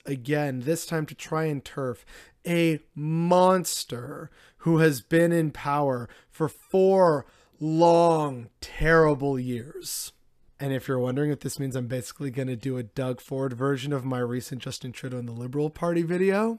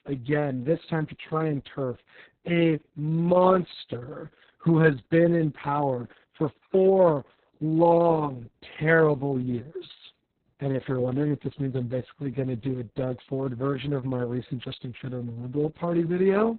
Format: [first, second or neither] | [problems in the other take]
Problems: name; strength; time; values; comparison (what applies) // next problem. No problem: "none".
first | garbled, watery; badly; nothing above 4 kHz